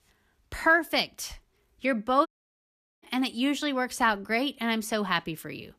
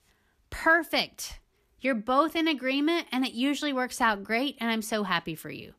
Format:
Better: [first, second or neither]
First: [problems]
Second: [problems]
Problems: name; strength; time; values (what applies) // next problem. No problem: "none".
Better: second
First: audio cutting out; at 2.5 s for 1 s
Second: none